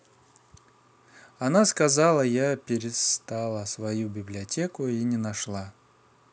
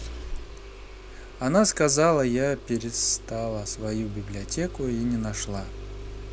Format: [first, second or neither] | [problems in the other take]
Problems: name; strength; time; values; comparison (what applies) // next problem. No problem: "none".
first | background sound (Engine starting); 11 dB below the speech